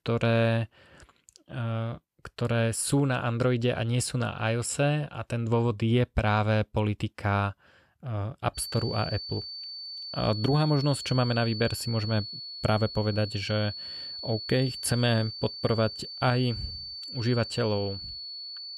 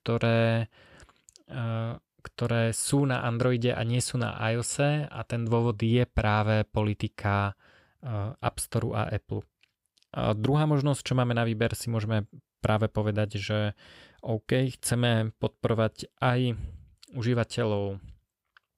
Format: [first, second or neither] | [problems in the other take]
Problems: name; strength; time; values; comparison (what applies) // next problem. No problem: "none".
second | high-pitched whine; loud; from 8.5 s on; 4.5 kHz, 8 dB below the speech